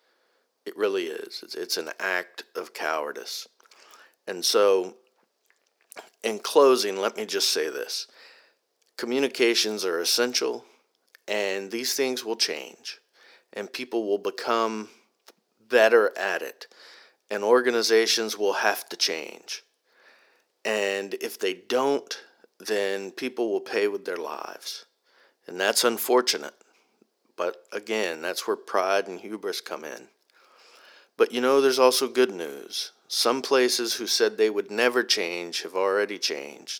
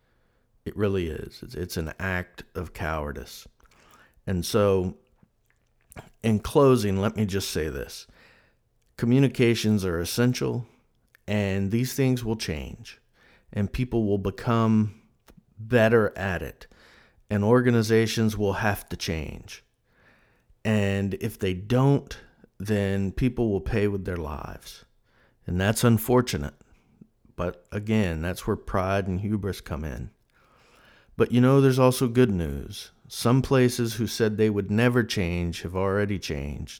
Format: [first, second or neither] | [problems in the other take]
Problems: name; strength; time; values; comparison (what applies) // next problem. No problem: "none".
second | thin; very; fading below 350 Hz